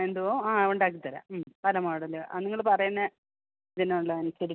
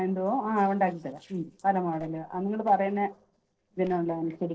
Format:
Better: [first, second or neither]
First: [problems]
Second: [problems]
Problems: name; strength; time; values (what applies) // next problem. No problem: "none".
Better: first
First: none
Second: noise reduction (neural separator model SepFormer DNS4)